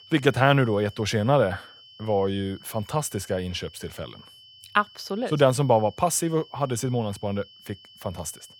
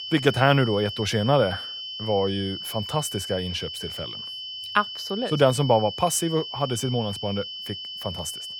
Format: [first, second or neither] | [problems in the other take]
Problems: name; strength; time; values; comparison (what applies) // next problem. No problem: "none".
first | high-pitched whine; loud; throughout; 3 kHz, 8 dB below the speech; faint in the first